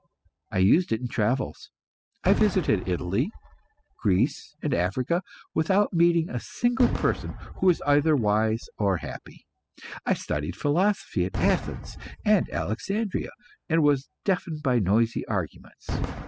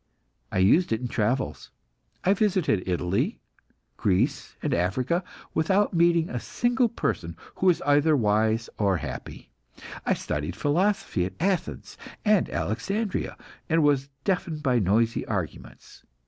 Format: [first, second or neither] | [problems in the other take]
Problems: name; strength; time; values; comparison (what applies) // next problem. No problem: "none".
second | noise reduction (classical method spectral subtraction)